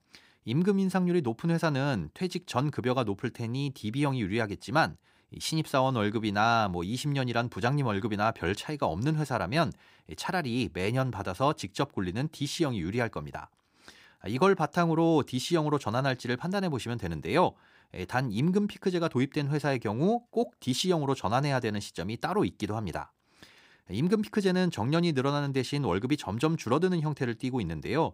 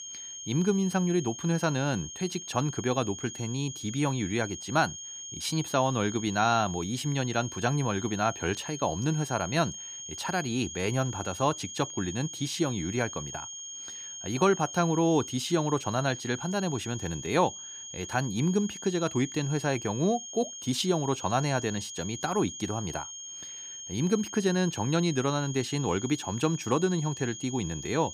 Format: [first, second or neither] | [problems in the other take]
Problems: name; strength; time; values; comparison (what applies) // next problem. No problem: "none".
first | high-pitched whine; loud; throughout; 6.5 kHz, 9 dB below the speech